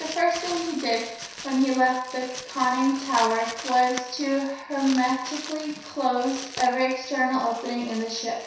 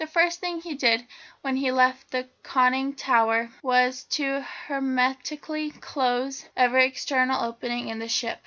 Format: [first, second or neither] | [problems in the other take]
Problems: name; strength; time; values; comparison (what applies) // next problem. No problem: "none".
second | background sound (Crumpling, crinkling); 13 dB below the speech // room echo; dies away in 0.7 s